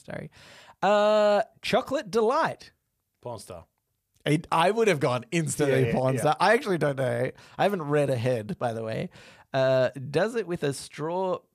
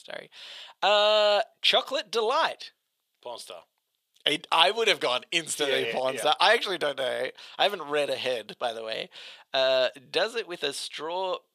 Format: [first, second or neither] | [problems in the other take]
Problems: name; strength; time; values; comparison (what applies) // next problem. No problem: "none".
first | thin; somewhat; fading below 500 Hz